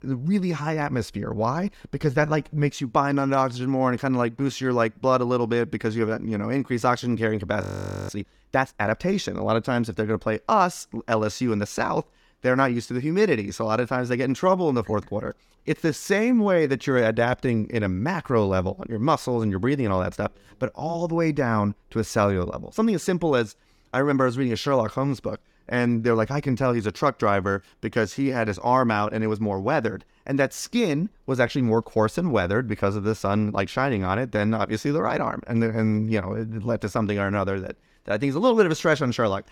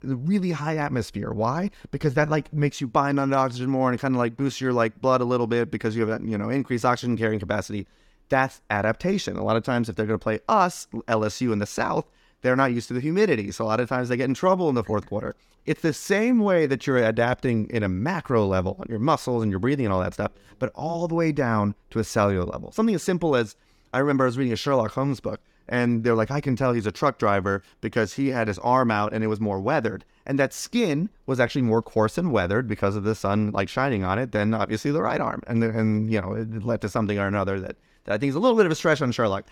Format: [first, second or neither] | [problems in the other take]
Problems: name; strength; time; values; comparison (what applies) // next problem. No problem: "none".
second | audio freezing; at 7.5 s